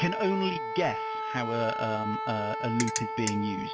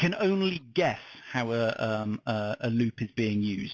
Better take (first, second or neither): second